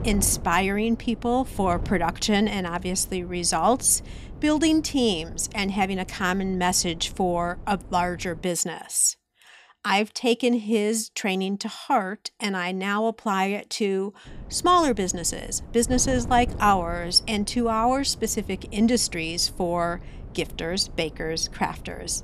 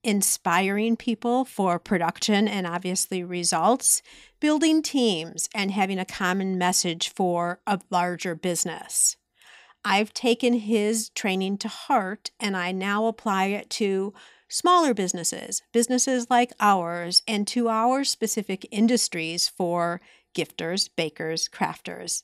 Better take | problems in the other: second | wind noise on the microphone; occasional gusts; until 8.5 s and from 14 s on; 25 dB below the speech

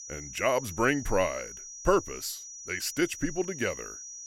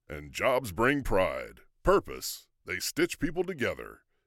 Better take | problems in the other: second | high-pitched whine; noticeable; throughout; 6 kHz, 10 dB below the speech

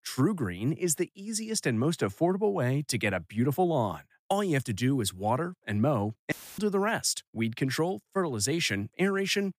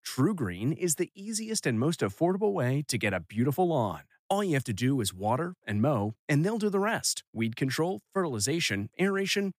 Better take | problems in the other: second | audio cutting out; filled with static; at 6.5 s

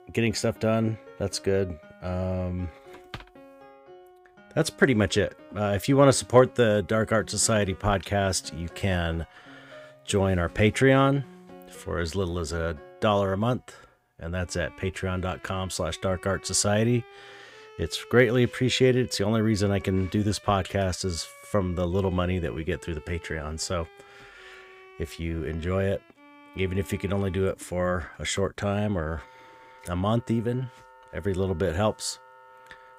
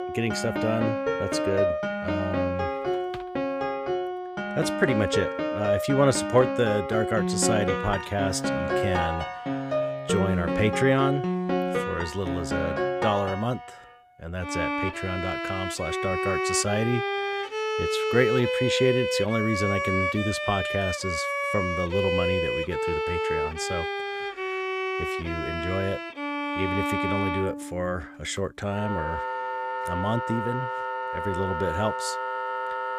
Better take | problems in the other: first | background music; loud; throughout; as loud as the speech; faint in the first

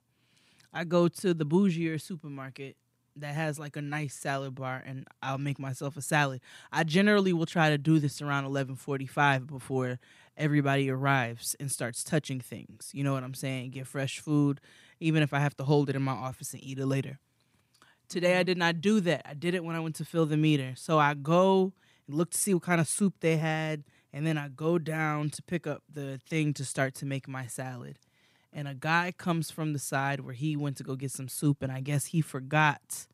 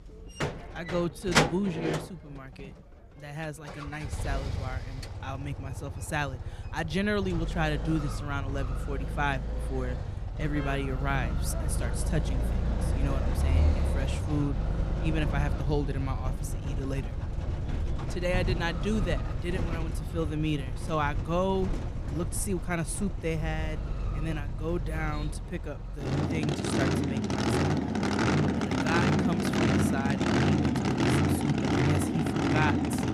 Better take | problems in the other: first | traffic noise; very loud; throughout; 3 dB above the speech

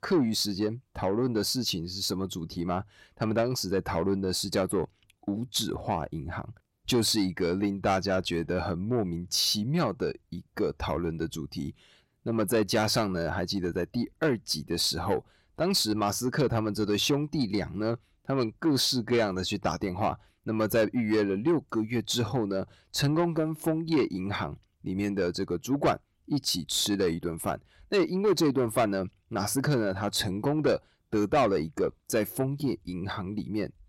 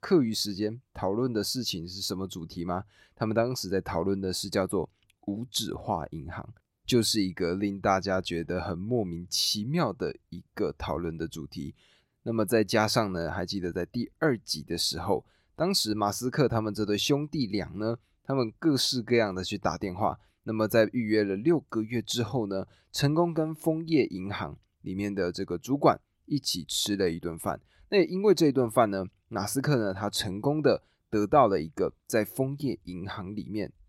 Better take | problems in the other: second | distortion; slight; 10 dB below the speech

